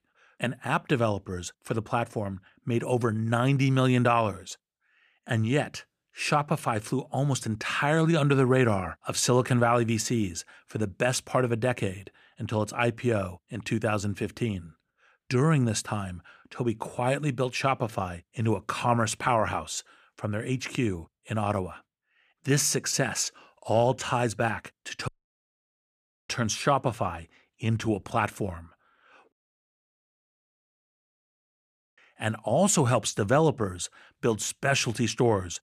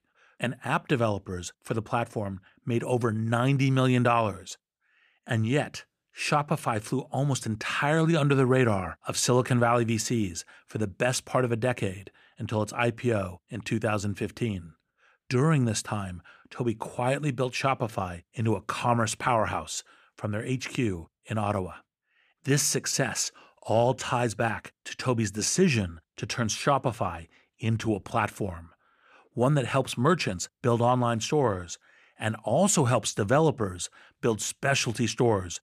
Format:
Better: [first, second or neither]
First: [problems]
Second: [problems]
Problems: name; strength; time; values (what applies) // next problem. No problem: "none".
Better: second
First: audio cutting out; at 25 s for 1 s and at 29 s for 2.5 s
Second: none